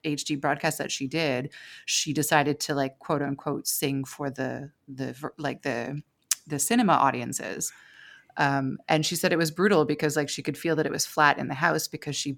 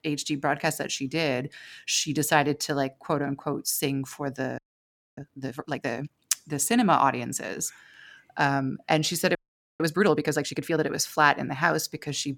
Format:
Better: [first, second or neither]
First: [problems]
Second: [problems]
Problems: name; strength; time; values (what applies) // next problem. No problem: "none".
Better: first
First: none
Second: audio freezing; at 4.5 s for 0.5 s and at 9.5 s